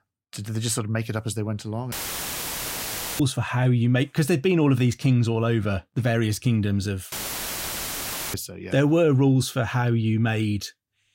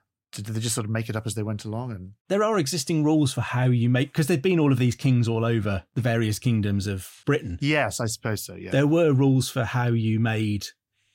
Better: second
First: audio cutting out; filled with static; at 2 s for 1.5 s and at 7 s for 1 s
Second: none

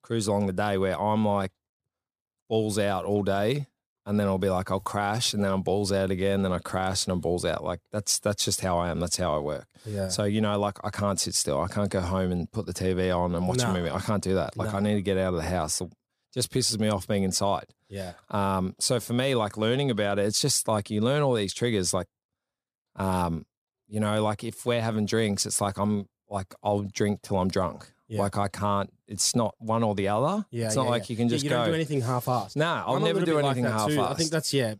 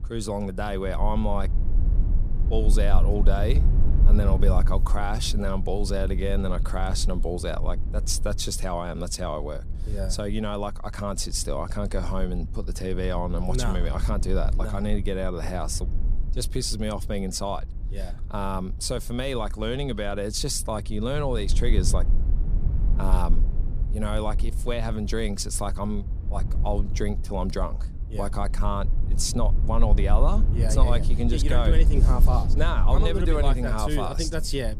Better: first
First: none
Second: low rumble; noticeable; throughout; 15 dB below the speech

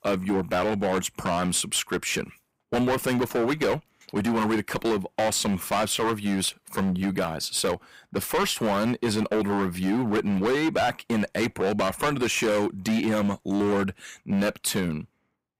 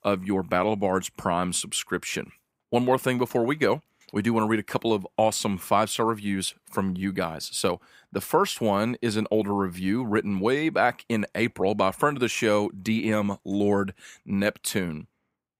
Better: second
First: distortion; heavy; 15% of the sound clipped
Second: none

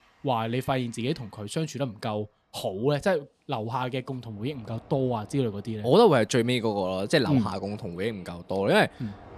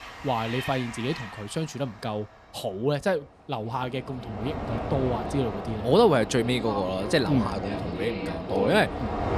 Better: first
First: train or aircraft noise; faint; throughout; 25 dB below the speech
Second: train or aircraft noise; loud; throughout; 6 dB below the speech

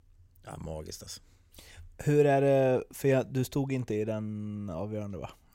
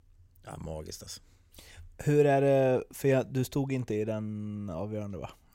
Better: neither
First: none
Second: none

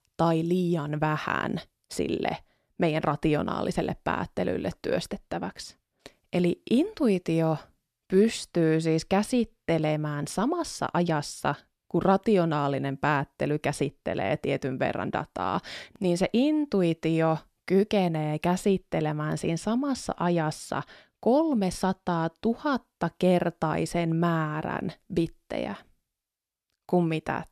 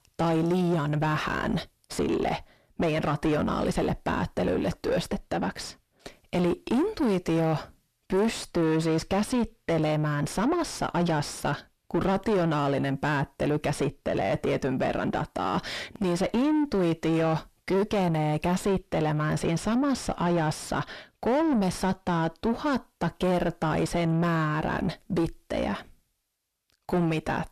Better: first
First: none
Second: distortion; heavy; 4 dB below the speech

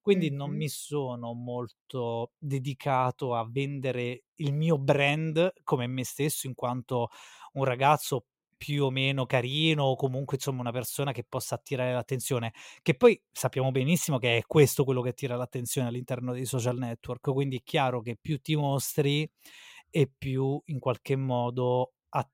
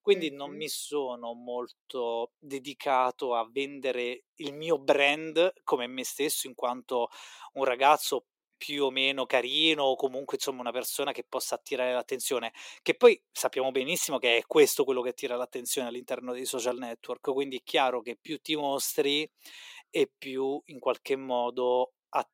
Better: first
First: none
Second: thin; somewhat; fading below 300 Hz

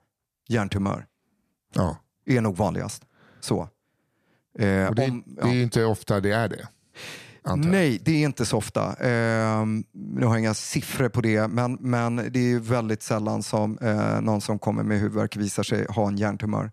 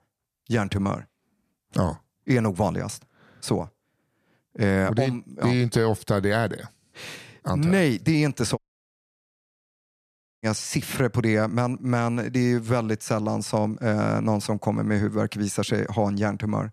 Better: first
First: none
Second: audio cutting out; at 8.5 s for 2 s

